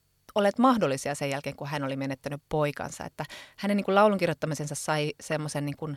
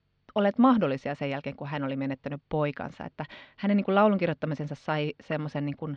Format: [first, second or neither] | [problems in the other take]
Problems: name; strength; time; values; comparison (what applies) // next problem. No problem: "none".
first | muffled; slightly; fading above 3.5 kHz